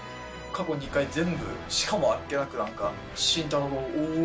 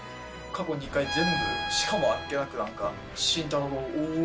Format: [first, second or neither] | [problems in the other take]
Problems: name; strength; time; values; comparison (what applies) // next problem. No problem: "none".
first | background sound (Bowed string instrument); 5 dB below the speech